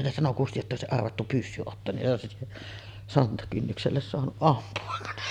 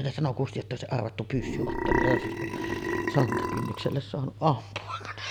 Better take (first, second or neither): first